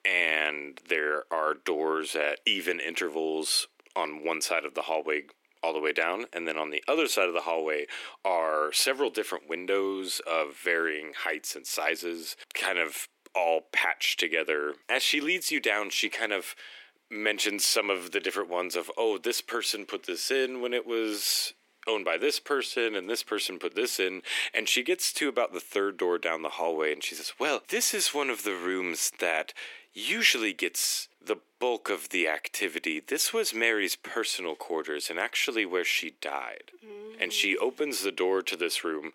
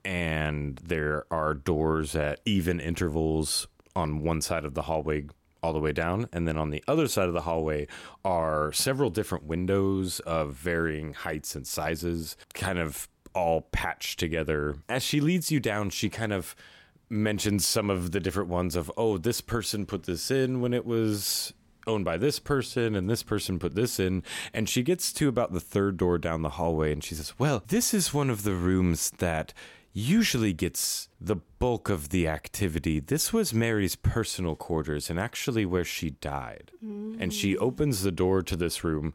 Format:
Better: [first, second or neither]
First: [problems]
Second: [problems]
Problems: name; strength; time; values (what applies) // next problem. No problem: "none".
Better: second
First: thin; very; fading below 300 Hz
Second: none